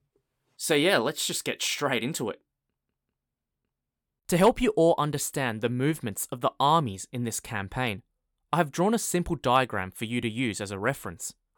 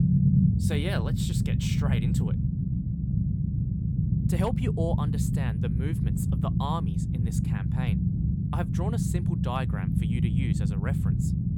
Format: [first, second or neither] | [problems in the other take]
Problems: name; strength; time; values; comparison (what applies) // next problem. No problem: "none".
first | low rumble; loud; throughout; as loud as the speech